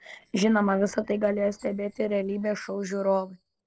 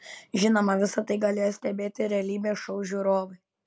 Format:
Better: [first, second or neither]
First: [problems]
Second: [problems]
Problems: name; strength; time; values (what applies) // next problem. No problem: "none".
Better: second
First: noise reduction (neural separator model SepFormer DNS4)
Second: none